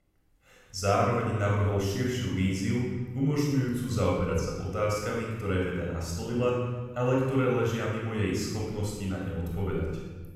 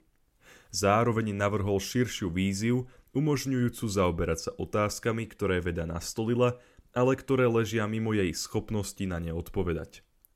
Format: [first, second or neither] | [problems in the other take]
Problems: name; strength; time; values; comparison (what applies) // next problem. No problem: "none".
second | off-mic speech; far // room echo; strong; dies away in 1.2 s